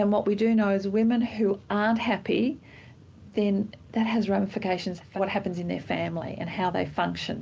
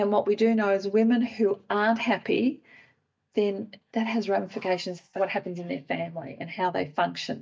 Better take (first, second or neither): first